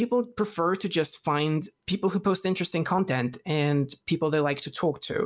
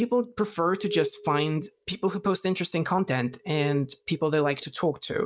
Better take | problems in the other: first | noise reduction (neural mask model DeepFilterNet 3)

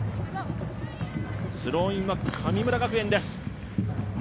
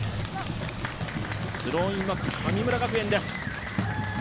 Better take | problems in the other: first | background sound (Applause); 8 dB below the speech

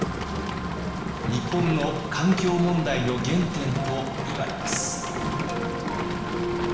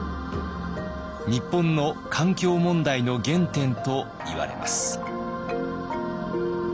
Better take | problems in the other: second | background sound (Rain); 5 dB below the speech // room echo; dies away in 0.9 s

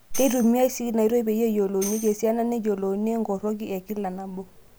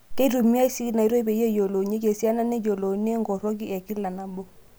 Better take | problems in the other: second | background sound (Tambourine); 16 dB below the speech

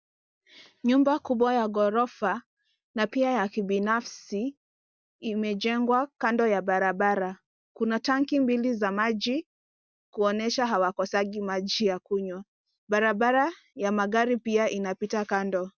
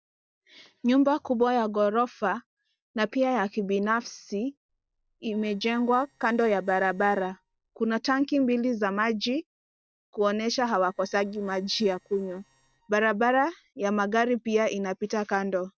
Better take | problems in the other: first | noise reduction (neural separator model SepFormer DNS4)

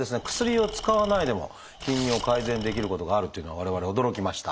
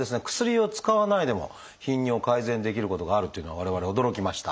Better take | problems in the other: second | background sound (Engine / Tools + Tearing); 12 dB below the speech

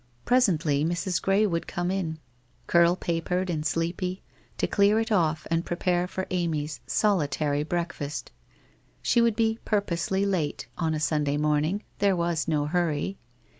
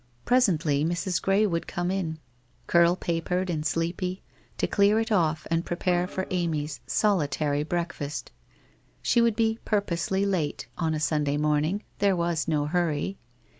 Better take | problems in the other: first | background sound (Organ); 17 dB below the speech

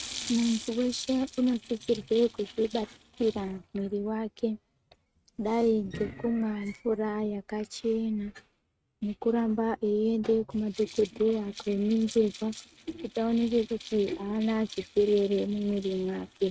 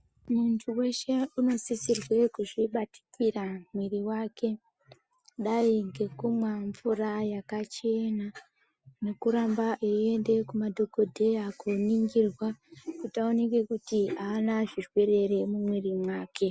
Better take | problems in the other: second | noise reduction (neural mask model RNNoise)

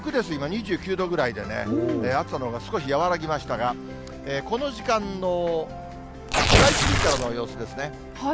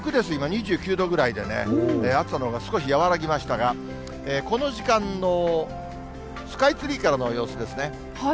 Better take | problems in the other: second | background sound (Tearing); 5 dB above the speech

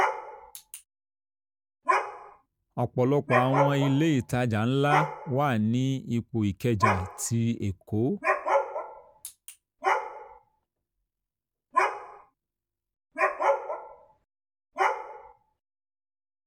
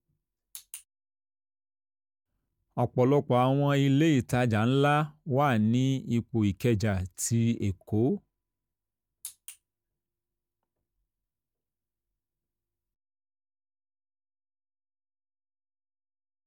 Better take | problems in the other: second | background sound (Dog); 2 dB below the speech

